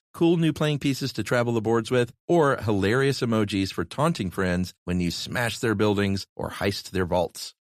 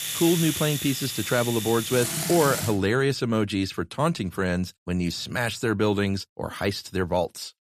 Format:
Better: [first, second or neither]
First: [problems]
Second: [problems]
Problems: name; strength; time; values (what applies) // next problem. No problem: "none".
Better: first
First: none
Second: household noises; loud; until 2.5 s; 3 dB below the speech